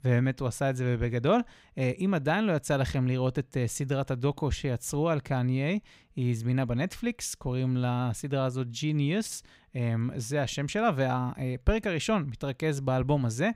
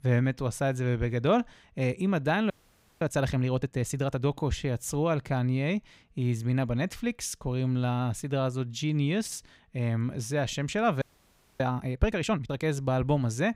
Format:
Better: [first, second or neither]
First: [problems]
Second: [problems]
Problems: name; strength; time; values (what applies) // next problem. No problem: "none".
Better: first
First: none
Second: audio freezing; at 2.5 s for 0.5 s and at 11 s for 0.5 s